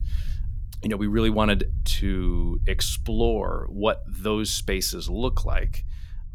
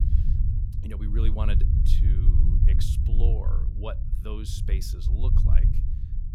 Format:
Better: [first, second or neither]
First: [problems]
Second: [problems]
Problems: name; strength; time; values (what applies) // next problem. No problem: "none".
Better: first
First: low rumble; faint; throughout; 25 dB below the speech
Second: low rumble; loud; throughout; 2 dB below the speech